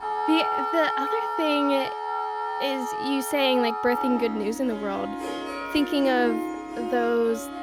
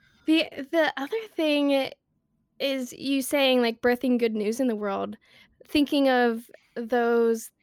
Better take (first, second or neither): second